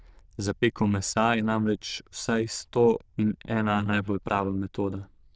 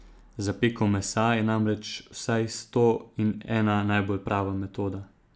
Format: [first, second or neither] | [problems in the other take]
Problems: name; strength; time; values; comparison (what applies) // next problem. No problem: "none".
second | noise reduction (neural diffusion model UNIVERSE++)